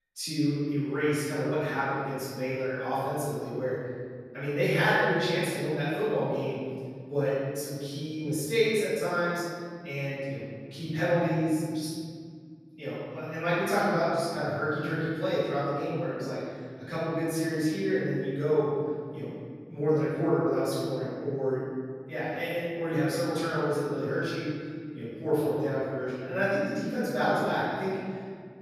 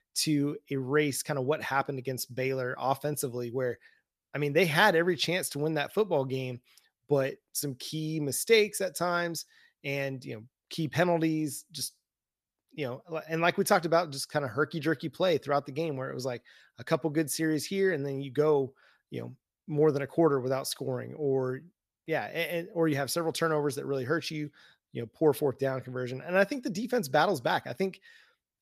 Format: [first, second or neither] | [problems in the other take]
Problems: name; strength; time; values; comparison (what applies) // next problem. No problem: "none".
second | off-mic speech; far // room echo; strong; dies away in 2.2 s